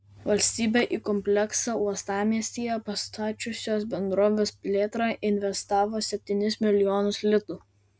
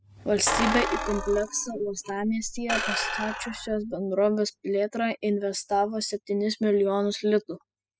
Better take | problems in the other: first | noise reduction (classical method spectral subtraction)

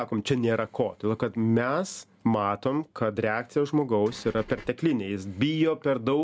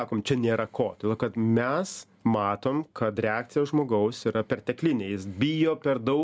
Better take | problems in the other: second | background sound (Engine / Car); 18 dB below the speech

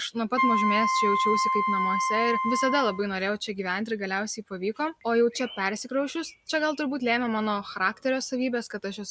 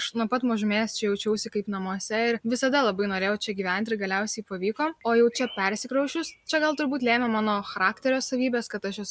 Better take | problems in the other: second | background sound (Wind instrument, woodwind instrument); 1 dB above the speech

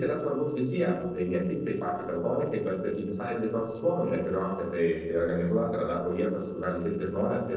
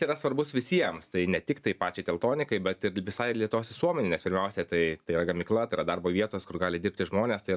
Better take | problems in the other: second | noise reduction (neural separator model SepFormer DNS4)

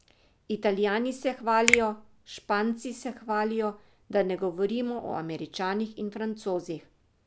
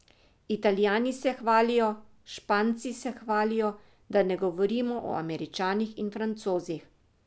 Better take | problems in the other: second | background sound (Finger snapping); 1 dB below the speech

